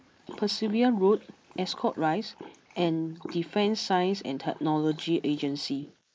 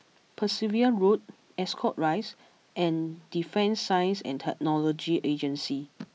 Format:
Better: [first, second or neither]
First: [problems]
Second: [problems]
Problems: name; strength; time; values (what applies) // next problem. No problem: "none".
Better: second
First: noise reduction (neural mask model Resemble Enhance denoiser)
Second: none